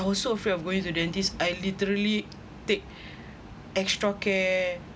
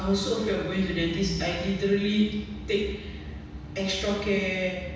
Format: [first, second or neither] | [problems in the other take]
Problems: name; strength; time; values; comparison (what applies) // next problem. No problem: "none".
first | room echo; dies away in 1.1 s